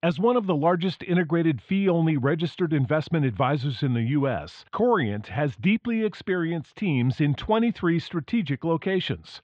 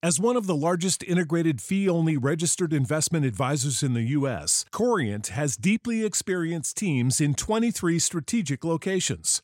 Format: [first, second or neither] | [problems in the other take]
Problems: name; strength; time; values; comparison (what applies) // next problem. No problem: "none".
second | muffled; very; fading above 3.5 kHz